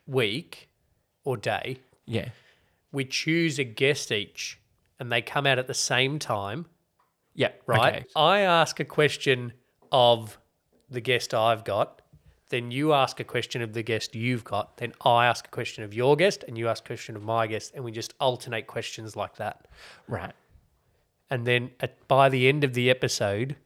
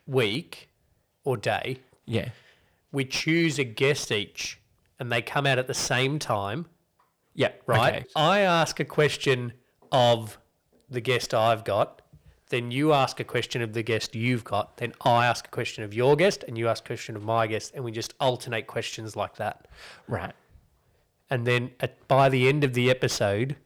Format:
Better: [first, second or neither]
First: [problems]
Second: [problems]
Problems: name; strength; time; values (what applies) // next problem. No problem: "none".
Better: first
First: none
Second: distortion; slight; 10 dB below the speech